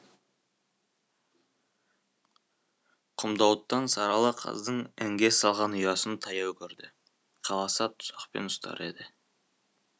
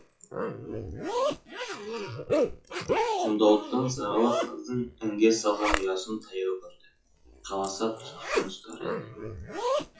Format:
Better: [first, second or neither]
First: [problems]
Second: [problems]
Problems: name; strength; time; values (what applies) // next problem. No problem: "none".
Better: first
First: none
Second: noise reduction (classical method WPE with log-MMSE)